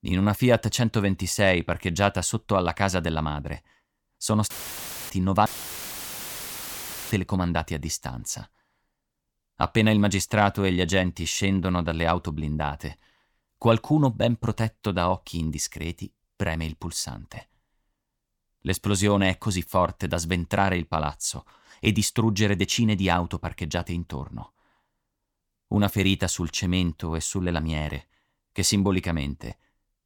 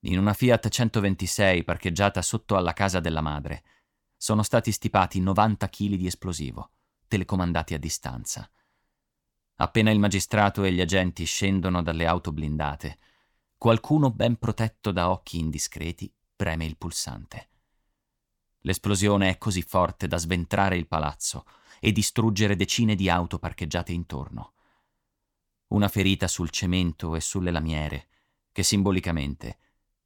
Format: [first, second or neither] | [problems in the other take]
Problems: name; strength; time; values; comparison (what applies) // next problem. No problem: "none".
second | audio cutting out; filled with static; at 4.5 s for 0.5 s and at 5.5 s for 1.5 s